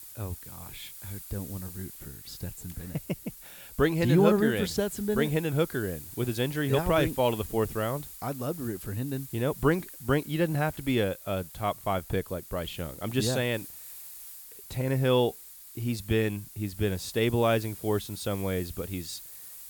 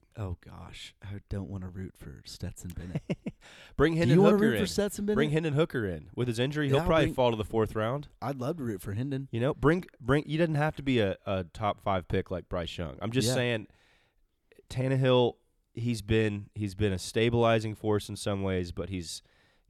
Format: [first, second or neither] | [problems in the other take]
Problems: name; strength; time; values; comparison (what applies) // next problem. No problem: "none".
second | hiss; noticeable; throughout; 15 dB below the speech